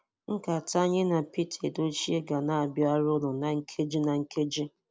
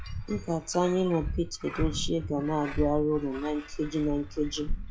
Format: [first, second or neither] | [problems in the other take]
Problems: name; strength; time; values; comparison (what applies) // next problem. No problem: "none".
first | noise reduction (classical method log-MMSE)